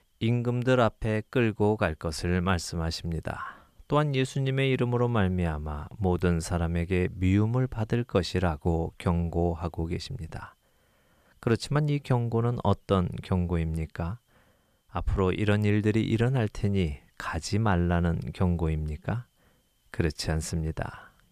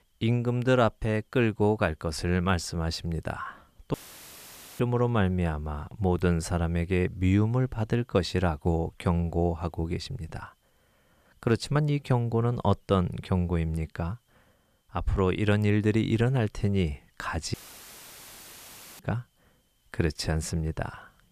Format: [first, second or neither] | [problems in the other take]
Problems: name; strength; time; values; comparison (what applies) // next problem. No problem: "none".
first | audio cutting out; filled with static; at 4 s for 1 s and at 18 s for 1.5 s